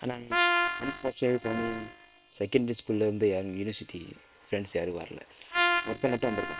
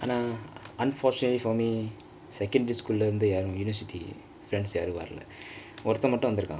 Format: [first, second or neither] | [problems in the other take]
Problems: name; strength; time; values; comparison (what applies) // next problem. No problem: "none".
second | noise reduction (neural separator model SepFormer WHAM!)